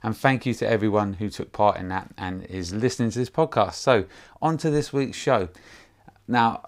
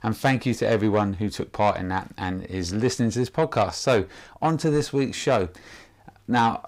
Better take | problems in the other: first | distortion; slight; 10 dB below the speech

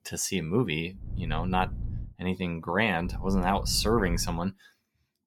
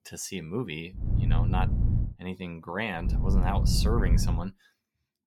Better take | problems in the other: first | low rumble; loud; from 1 to 2 s and from 3 to 4.5 s; 7 dB below the speech; faint in the first

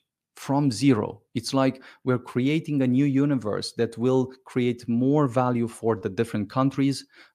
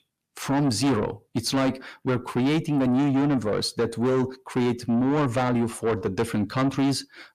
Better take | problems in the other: first | distortion; heavy; 7 dB below the speech

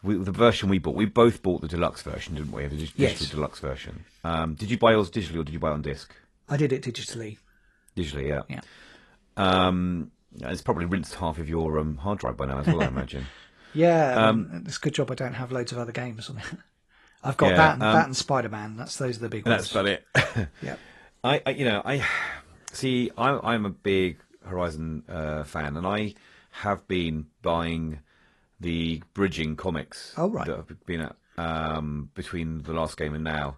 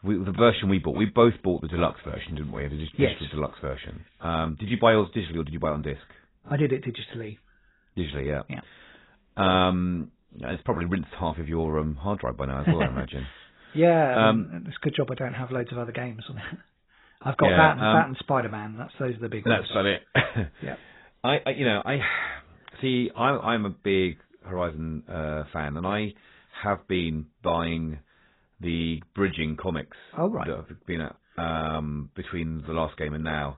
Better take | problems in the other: first | garbled, watery; badly; nothing above 3.5 kHz; slightly in the first

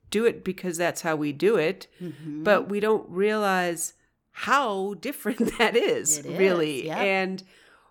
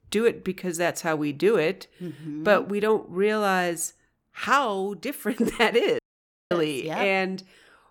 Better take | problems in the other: first | audio cutting out; at 6 s for 0.5 s

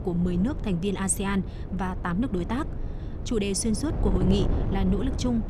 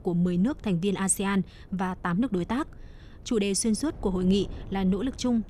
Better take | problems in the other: second | wind noise on the microphone; heavy; 9 dB below the speech; occasional gusts in the second

